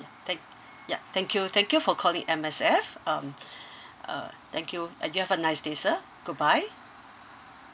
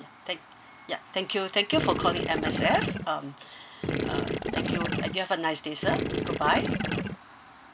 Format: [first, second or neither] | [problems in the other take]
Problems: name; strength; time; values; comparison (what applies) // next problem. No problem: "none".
first | background sound (Gurgling / Liquid); 1 dB above the speech